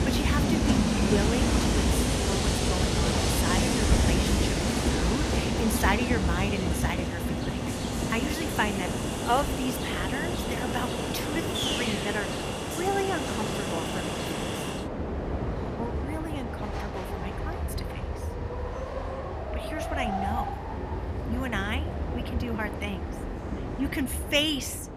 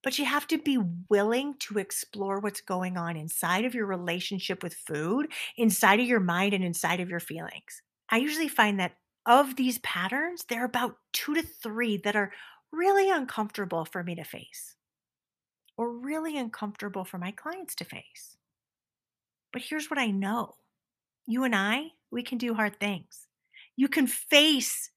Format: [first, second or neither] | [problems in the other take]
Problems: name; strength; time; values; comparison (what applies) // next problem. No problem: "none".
second | train or aircraft noise; very loud; throughout; 3 dB above the speech